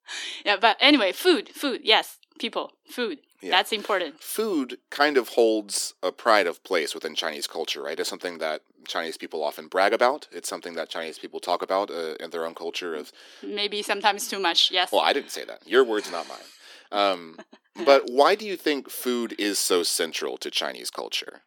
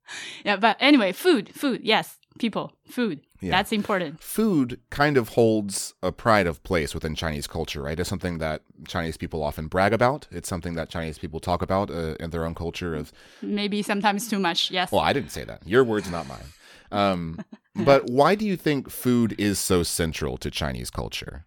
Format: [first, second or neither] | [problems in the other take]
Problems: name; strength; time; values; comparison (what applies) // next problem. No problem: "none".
second | thin; somewhat; fading below 300 Hz